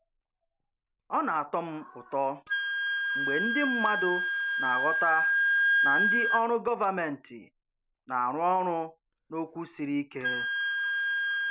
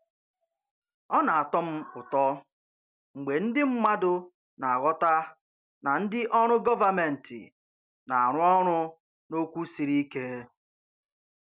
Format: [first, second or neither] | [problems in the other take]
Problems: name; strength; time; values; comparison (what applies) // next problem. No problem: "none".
second | background sound (Wind instrument, woodwind instrument); 2 dB above the speech